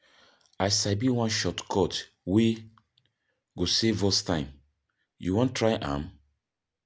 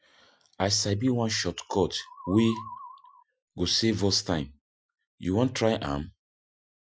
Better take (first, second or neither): first